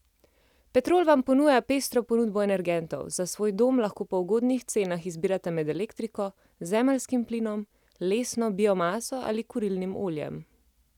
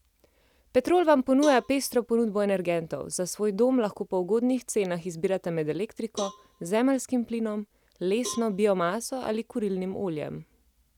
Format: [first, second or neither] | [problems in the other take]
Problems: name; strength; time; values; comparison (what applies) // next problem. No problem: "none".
first | background sound (Cowbell); 19 dB below the speech